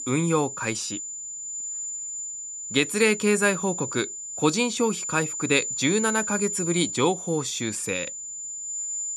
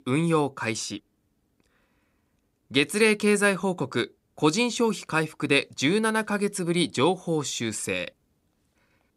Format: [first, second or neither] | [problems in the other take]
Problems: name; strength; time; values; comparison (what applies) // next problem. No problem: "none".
second | high-pitched whine; loud; throughout; 7 kHz, 5 dB below the speech